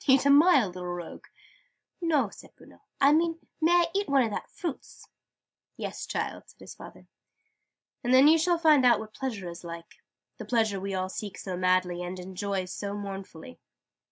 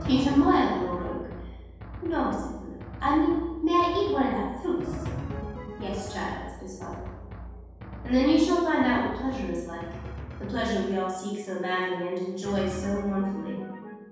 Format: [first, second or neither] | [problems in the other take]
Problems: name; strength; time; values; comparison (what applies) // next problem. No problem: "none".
first | background sound (Drum); 11 dB below the speech // room echo; dies away in 1.3 s